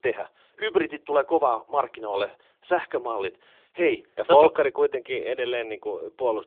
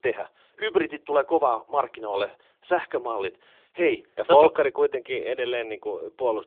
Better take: neither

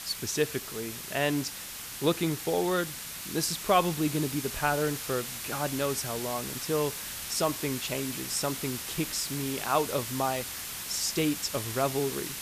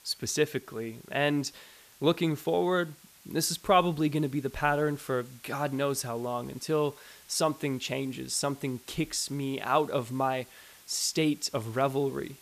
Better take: second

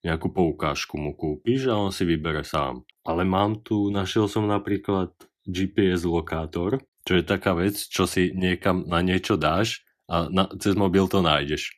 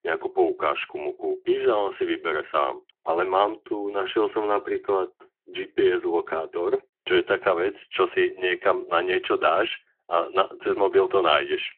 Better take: first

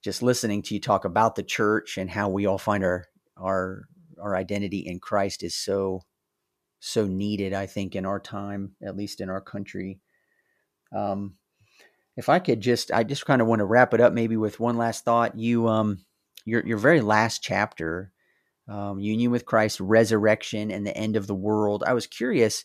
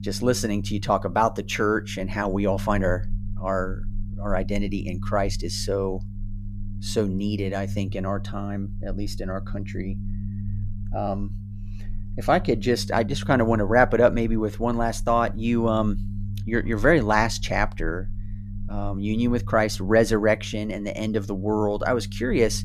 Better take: first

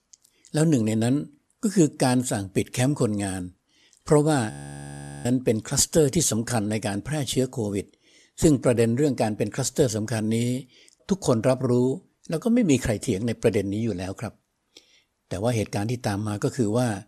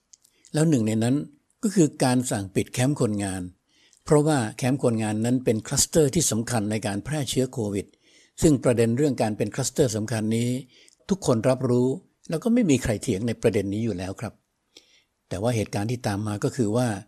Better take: second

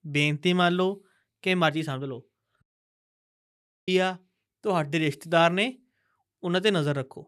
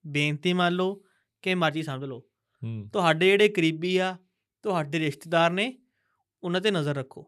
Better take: second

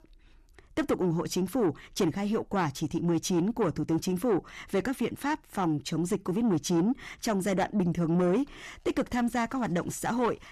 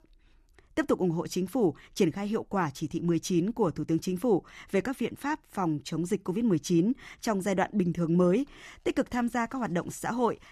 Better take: second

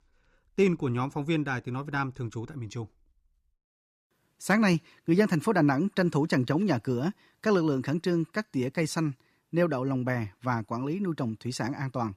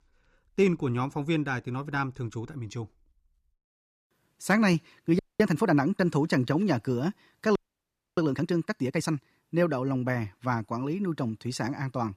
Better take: first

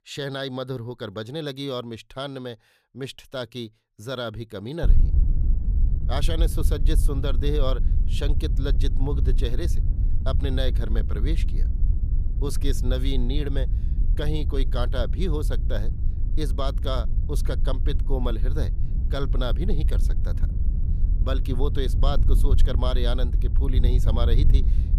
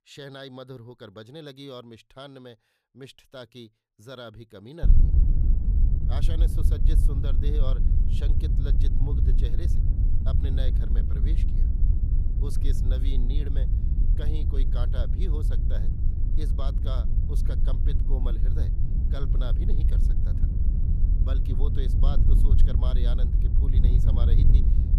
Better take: first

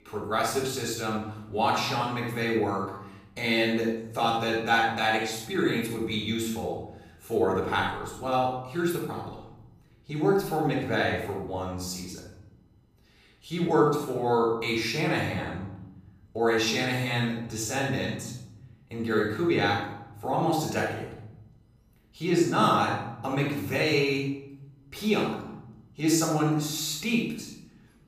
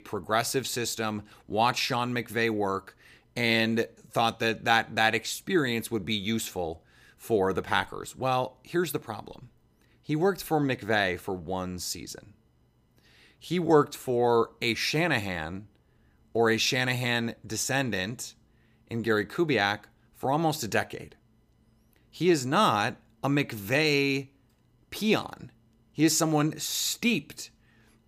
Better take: second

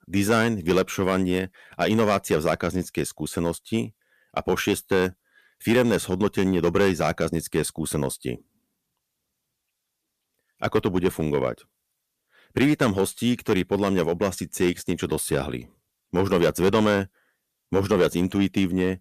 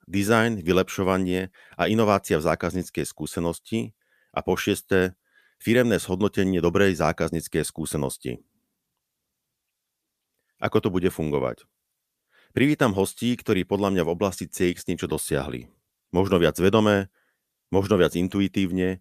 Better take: second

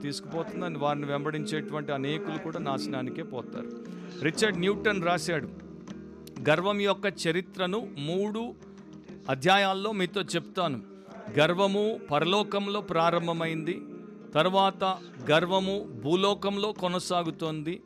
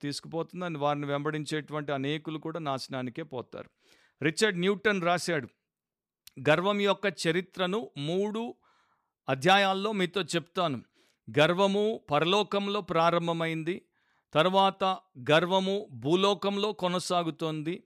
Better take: second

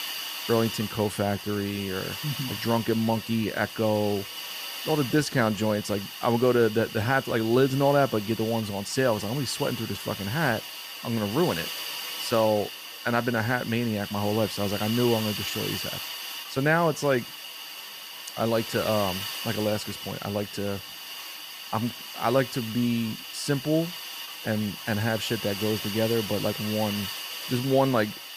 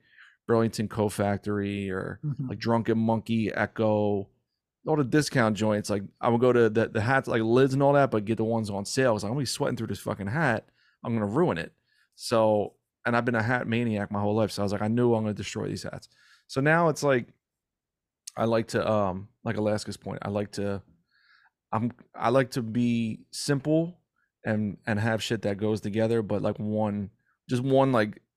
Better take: second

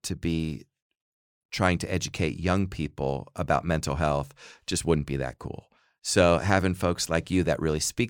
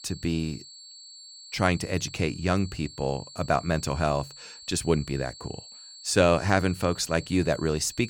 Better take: first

